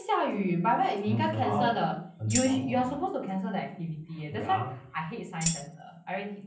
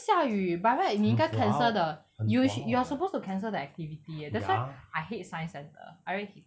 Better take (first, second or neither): second